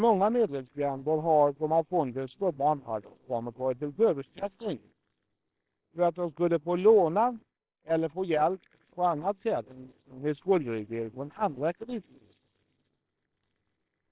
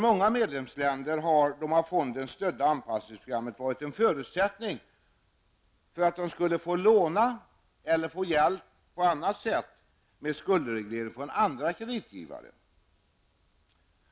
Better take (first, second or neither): second